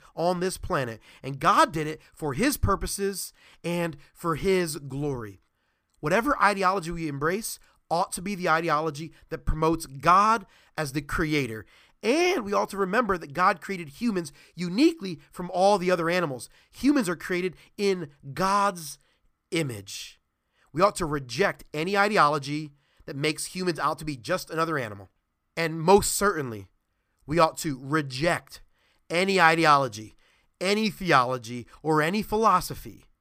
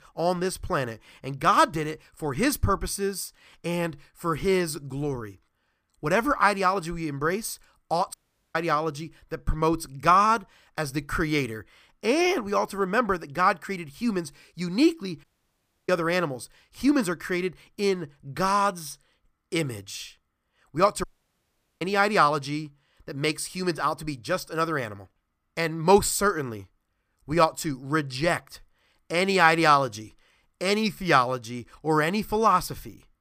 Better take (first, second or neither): first